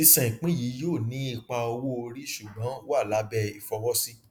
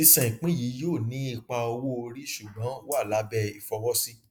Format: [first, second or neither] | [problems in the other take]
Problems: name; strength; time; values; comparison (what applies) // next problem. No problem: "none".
first | noise reduction (neural mask model DeepFilterNet 3)